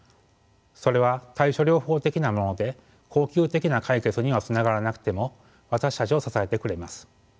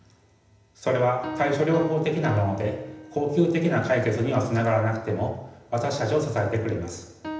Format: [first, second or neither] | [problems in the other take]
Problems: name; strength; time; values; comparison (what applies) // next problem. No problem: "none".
first | background sound (Piano); 15 dB below the speech // room echo; dies away in 0.9 s